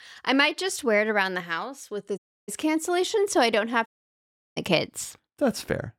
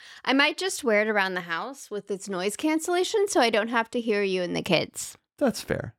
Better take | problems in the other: second | audio cutting out; at 2 s and at 4 s for 0.5 s

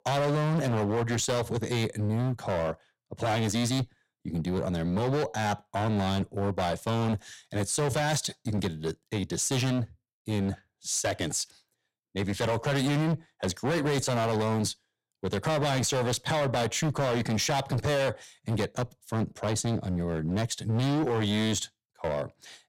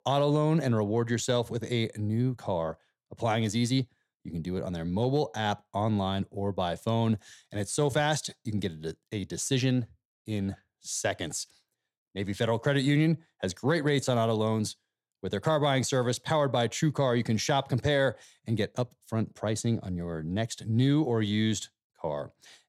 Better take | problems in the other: second | distortion; heavy; 20% of the sound clipped

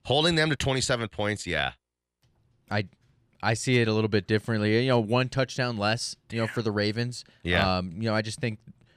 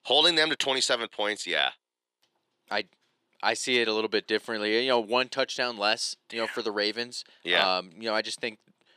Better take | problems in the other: first | thin; somewhat; fading below 300 Hz

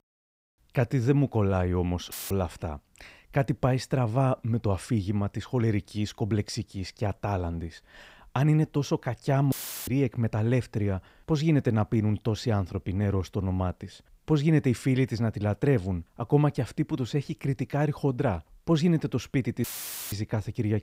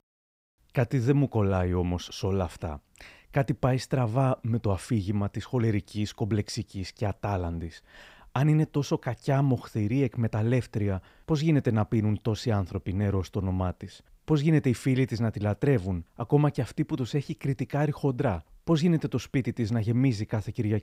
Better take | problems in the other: second | audio cutting out; filled with static; at 2 s, at 9.5 s and at 20 s

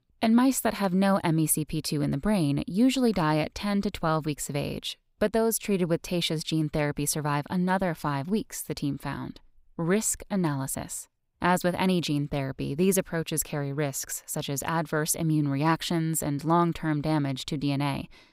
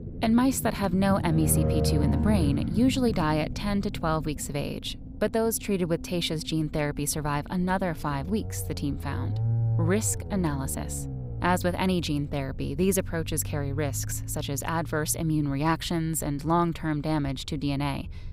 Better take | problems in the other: first | low rumble; noticeable; throughout; 10 dB below the speech

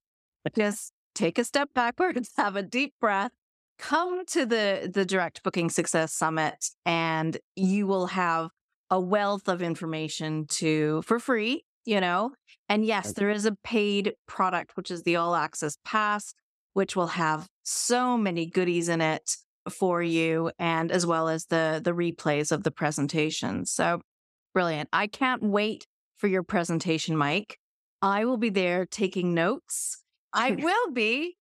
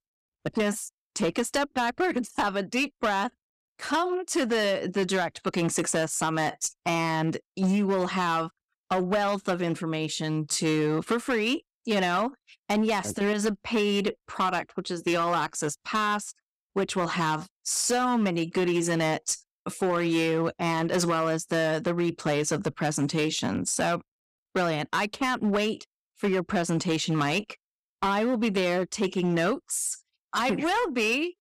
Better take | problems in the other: first | distortion; slight; 10% of the sound clipped

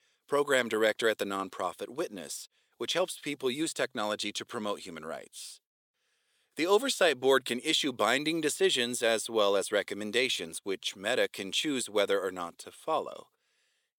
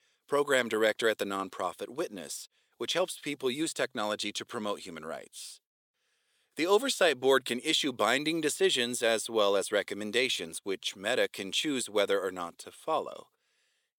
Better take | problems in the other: neither | thin; somewhat; fading below 500 Hz; the same in both

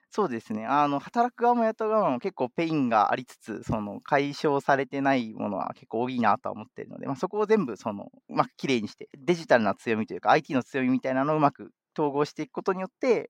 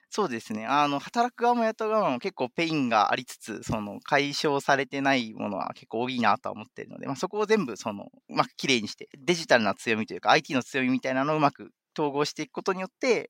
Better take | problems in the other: second | muffled; slightly; fading above 2 kHz

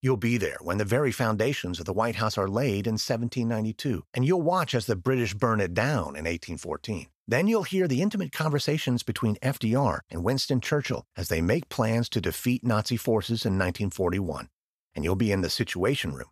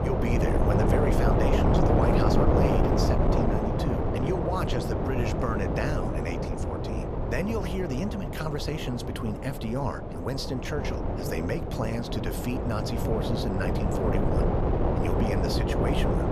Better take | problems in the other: first | wind noise on the microphone; heavy; 4 dB above the speech

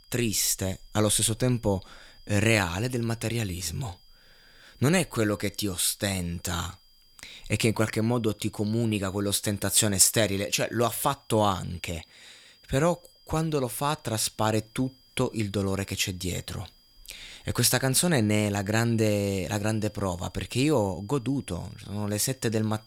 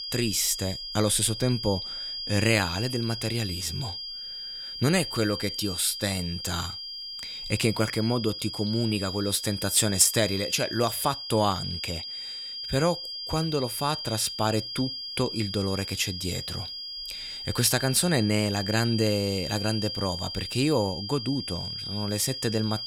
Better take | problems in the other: first | high-pitched whine; loud; throughout; 5 kHz, 6 dB below the speech; faint in the first

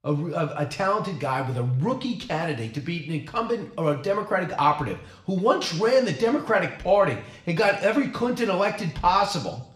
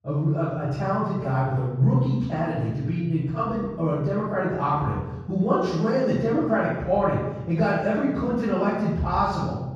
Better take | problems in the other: first | room echo; strong; dies away in 1.3 s; slight in the first // off-mic speech; far; somewhat distant in the first

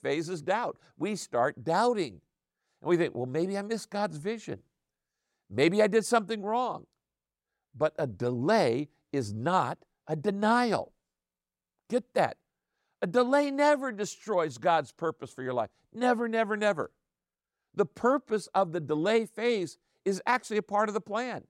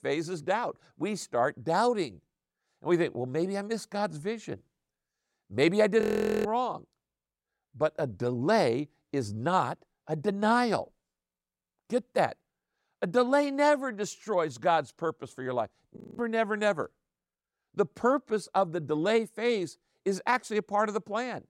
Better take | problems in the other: first | audio freezing; at 6 s and at 16 s

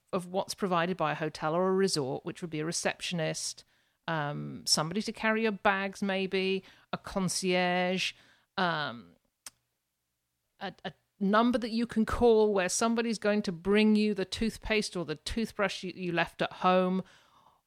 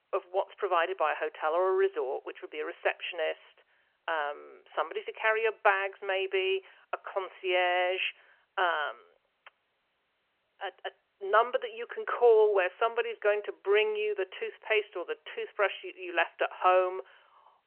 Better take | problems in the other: first | phone-call audio; nothing above 3 kHz

